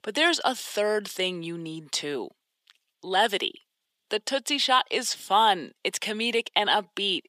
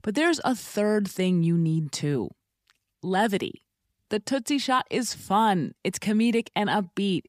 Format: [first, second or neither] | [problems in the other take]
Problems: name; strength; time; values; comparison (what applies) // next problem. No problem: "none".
second | thin; somewhat; fading below 500 Hz